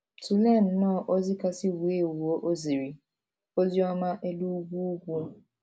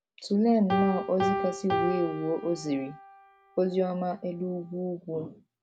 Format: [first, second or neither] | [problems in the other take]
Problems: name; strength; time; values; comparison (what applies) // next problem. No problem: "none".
first | background sound (Piano); 6 dB below the speech